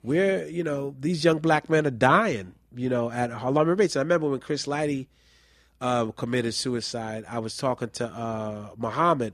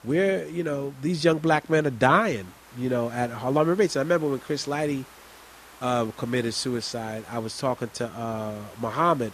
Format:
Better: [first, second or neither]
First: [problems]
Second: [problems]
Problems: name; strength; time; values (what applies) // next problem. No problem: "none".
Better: first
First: none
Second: hiss; faint; throughout; 25 dB below the speech